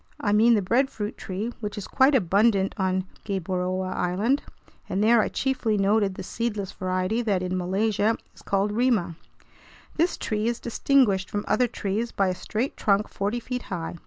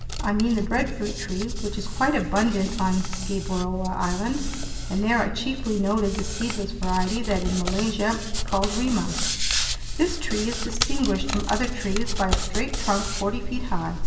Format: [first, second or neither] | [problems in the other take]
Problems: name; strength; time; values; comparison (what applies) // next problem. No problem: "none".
first | background sound (Hands); 1 dB below the speech // room echo; dies away in 1.1 s